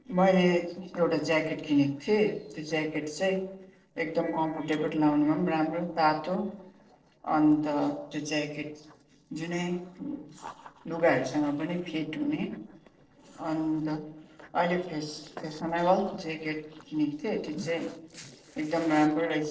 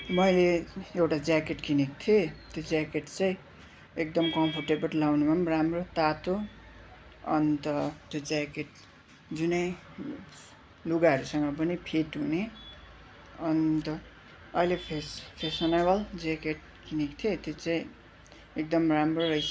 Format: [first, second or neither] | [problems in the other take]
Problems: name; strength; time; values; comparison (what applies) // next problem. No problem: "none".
second | noise reduction (neural separator model SepFormer DNS4)